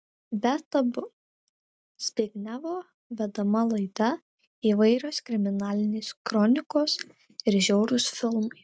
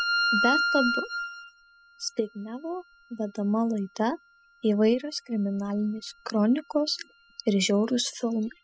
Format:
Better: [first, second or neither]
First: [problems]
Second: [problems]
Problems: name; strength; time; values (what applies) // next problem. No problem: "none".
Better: first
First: none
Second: noise reduction (classical method spectral subtraction)